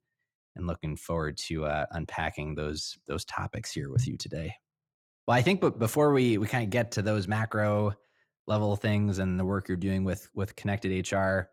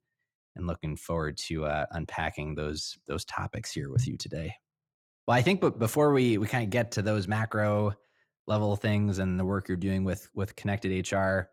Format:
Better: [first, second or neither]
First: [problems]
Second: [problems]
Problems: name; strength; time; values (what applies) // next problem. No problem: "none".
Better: neither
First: none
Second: none